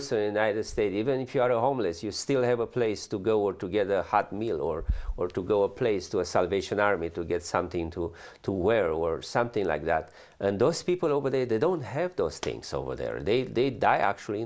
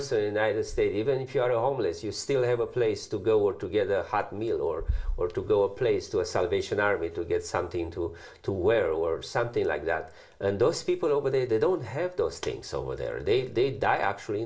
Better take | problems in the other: first | room echo; dies away in 0.4 s

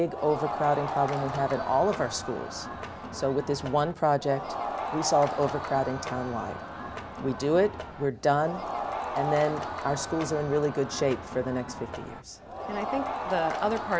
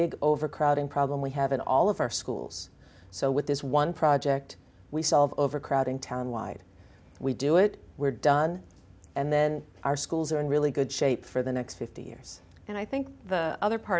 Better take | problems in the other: second | background sound (Crowd); 6 dB below the speech

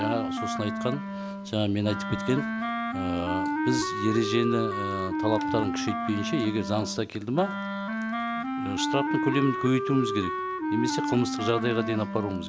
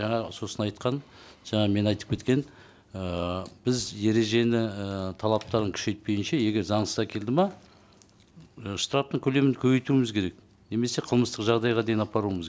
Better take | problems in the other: second | background sound (Wind instrument, woodwind instrument); 1 dB below the speech

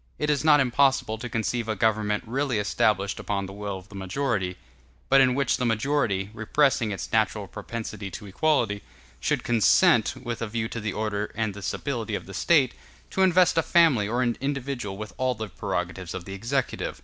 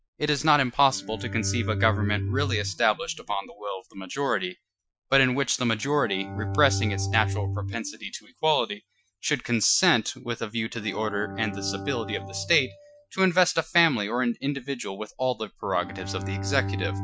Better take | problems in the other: first | noise reduction (classical method Wiener filter)

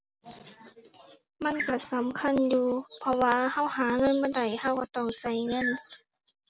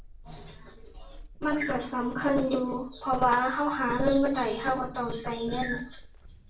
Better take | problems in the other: first | background sound (Purr); 17 dB below the speech // room echo; dies away in 0.3 s

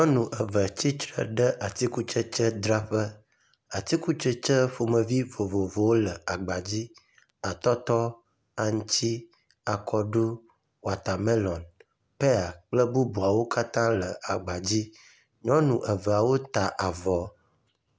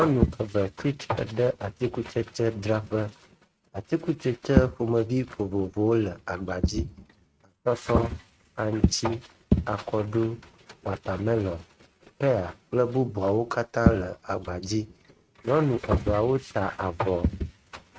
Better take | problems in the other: first | noise reduction (neural mask model RNNoise)

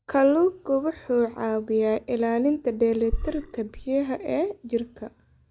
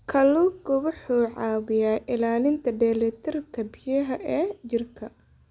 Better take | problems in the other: second | noise reduction (neural mask model DeepFilterNet 3)

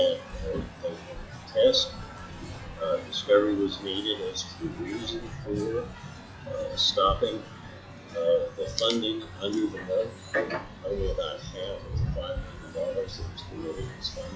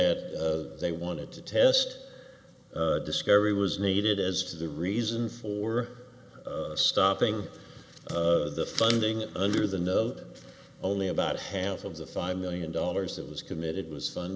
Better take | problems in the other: second | noise reduction (classical method log-MMSE)

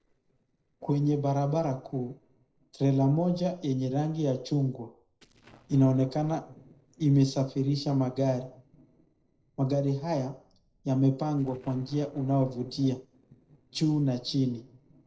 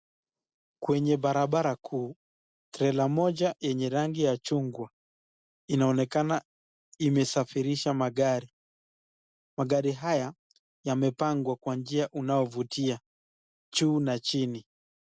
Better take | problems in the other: second | noise reduction (neural separator model SepFormer DNS4)

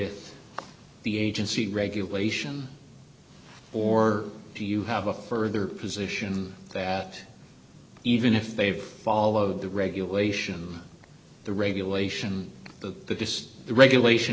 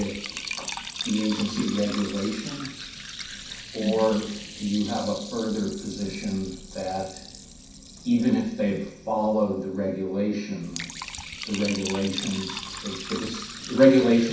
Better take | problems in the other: first | background sound (Liquid); 12 dB below the speech // room echo; dies away in 0.6 s

